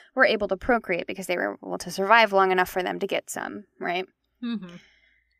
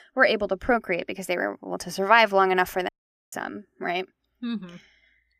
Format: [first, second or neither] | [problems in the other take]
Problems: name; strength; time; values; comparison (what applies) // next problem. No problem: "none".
first | audio cutting out; at 3 s